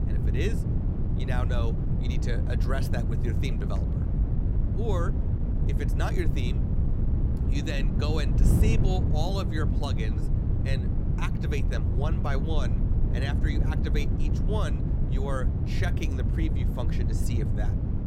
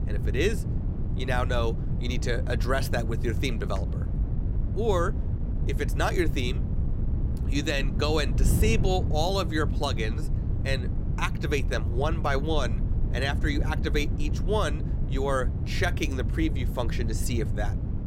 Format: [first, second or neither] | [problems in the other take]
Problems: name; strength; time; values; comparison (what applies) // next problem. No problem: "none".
second | wind noise on the microphone; heavy; 3 dB below the speech; occasional gusts in the second